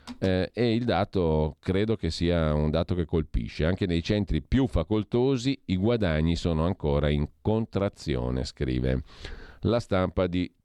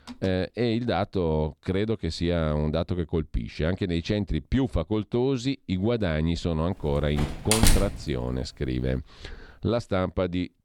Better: first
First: none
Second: door banging; loud; at 7 s; peak 6 dB above the speech

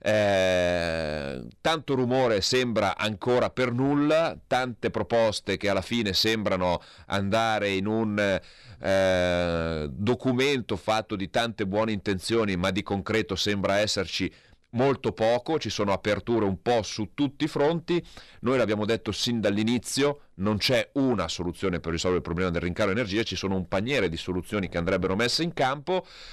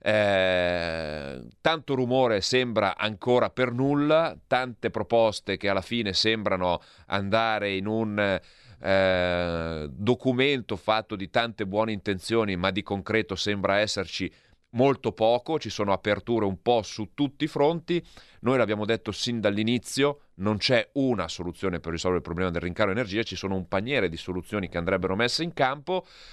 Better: second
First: distortion; slight; 10 dB below the speech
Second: none

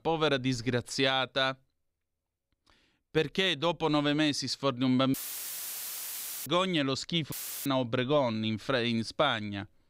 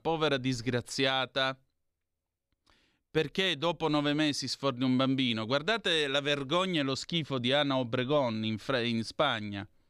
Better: second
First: audio cutting out; filled with static; at 5 s for 1.5 s and at 7.5 s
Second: none

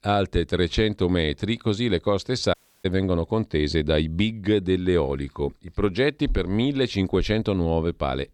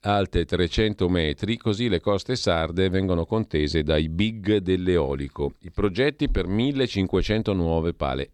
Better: second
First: audio cutting out; at 2.5 s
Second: none

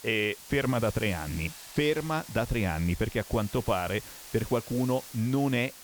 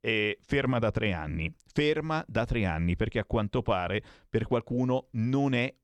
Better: second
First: hiss; noticeable; throughout; 15 dB below the speech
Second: none

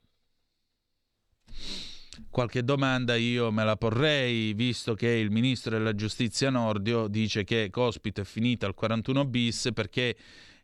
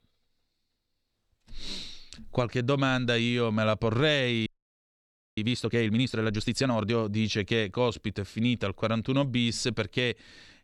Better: first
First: none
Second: audio freezing; at 4.5 s for 1 s

